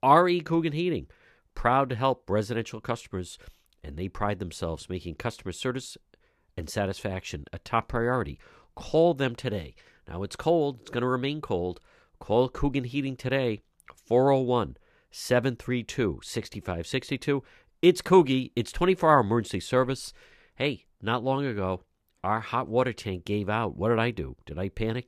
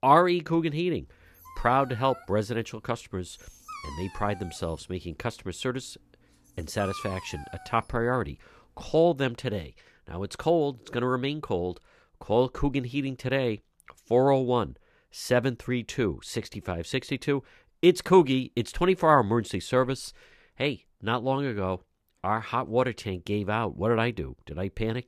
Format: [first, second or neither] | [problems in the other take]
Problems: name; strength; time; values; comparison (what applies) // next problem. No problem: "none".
first | dog barking; faint; from 1 to 8 s; peak 10 dB below the speech